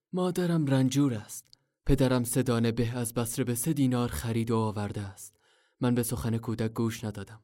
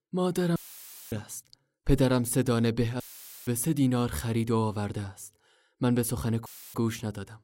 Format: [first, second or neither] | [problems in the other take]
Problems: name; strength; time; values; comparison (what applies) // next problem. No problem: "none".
first | audio cutting out; filled with static; at 0.5 s for 0.5 s, at 3 s and at 6.5 s